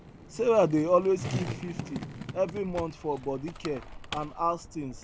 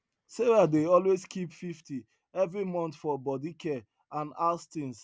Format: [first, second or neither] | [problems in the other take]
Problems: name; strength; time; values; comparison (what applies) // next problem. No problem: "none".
second | background sound (Skateboard); 10 dB below the speech